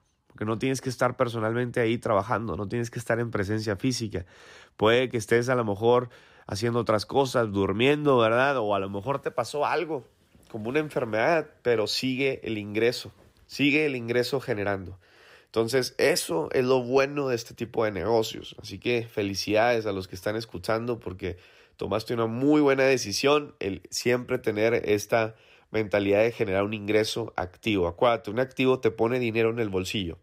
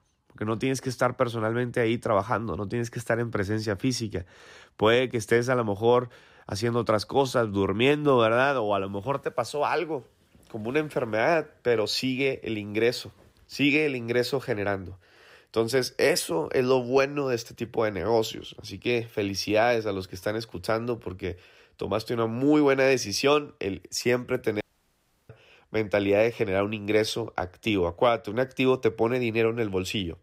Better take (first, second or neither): first